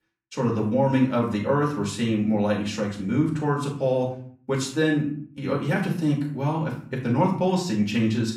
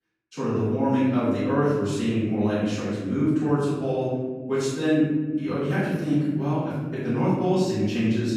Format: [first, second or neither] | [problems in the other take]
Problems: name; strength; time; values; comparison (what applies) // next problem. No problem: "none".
first | room echo; strong; dies away in 1.5 s; slight in the first // off-mic speech; far; far in the first